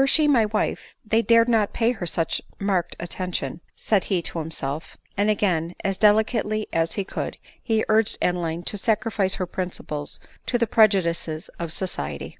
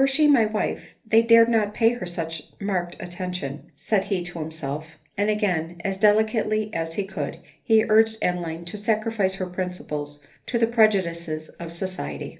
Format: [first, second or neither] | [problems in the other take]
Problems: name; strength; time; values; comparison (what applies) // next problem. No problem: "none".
first | room echo; dies away in 0.3 s